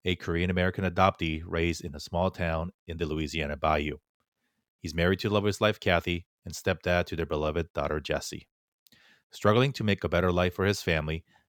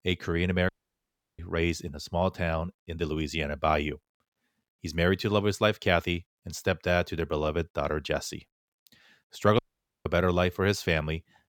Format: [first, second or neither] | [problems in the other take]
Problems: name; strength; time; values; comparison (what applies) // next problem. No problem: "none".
first | audio cutting out; at 0.5 s for 0.5 s and at 9.5 s